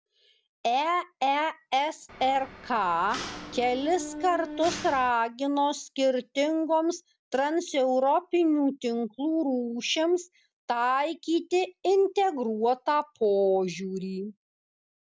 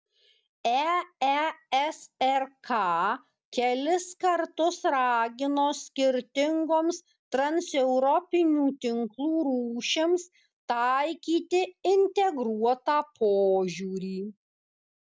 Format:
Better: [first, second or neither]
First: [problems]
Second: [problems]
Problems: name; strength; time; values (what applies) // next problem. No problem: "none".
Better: second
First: background sound (Mechanisms); 12 dB below the speech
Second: none